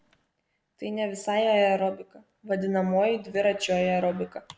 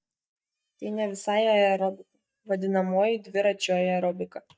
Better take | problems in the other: first | noise reduction (neural mask model DeepFilterNet 3)

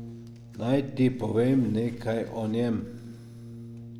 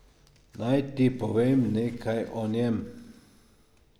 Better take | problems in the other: second | background sound (Brass instrument); 15 dB below the speech

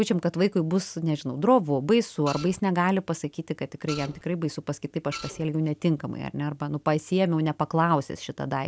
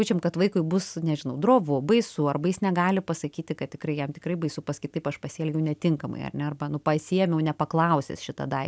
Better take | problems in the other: second | background sound (Printer); 13 dB below the speech

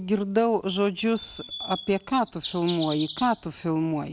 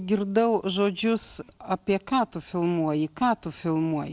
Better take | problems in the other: second | background sound (Bird vocalization, bird call, bird song); 13 dB below the speech

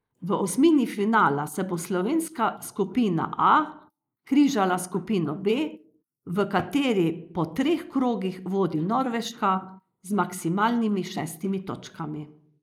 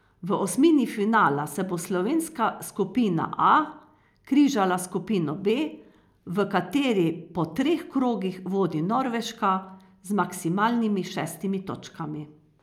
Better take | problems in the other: second | noise reduction (neural mask model Resemble Enhance denoiser)

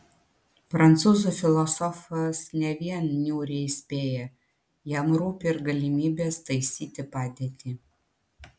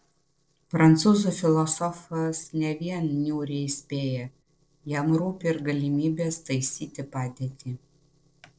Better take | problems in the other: first | noise reduction (neural separator model SepFormer DNS4)

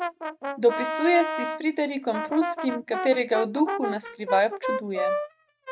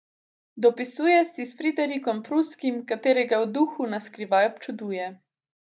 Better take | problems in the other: second | noise reduction (neural mask model RNNoise)

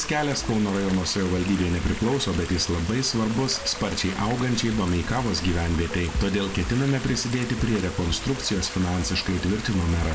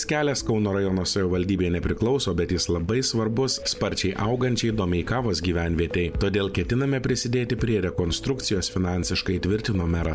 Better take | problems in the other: second | background sound (Stream); 12 dB below the speech // room echo; dies away in 0.3 s

